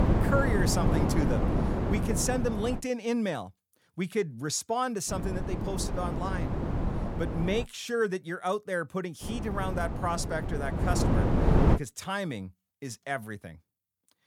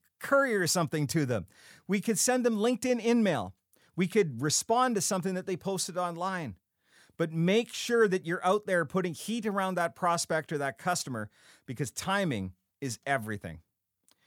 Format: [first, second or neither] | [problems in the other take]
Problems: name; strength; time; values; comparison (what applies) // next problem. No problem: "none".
second | wind noise on the microphone; heavy; until 3 s, from 5 to 7.5 s and from 9 to 12 s; 2 dB below the speech